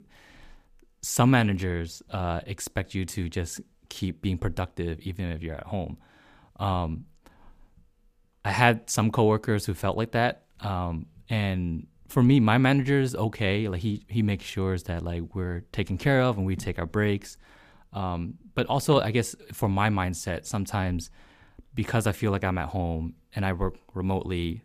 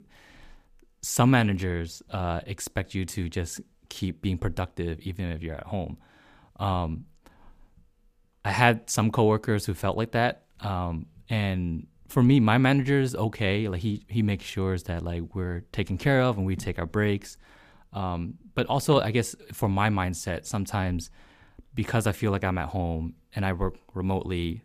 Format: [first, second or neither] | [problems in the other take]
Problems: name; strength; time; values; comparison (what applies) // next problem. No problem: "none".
neither | none